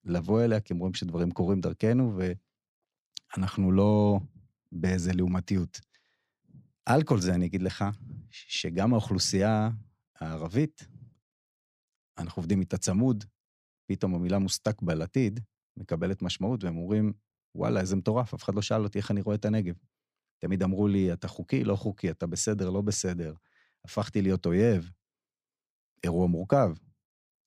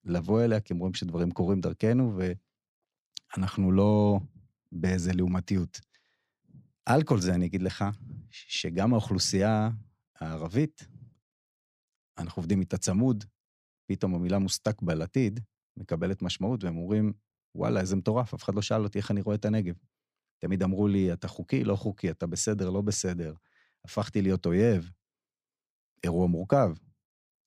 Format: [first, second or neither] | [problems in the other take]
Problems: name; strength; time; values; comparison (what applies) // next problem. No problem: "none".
neither | none